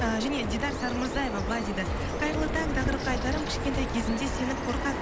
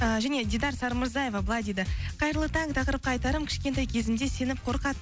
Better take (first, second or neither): second